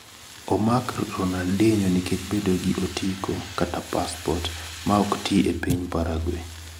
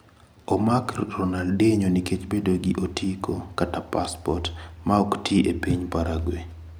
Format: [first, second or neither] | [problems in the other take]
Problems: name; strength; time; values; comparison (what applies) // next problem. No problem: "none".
second | background sound (Fire); 15 dB below the speech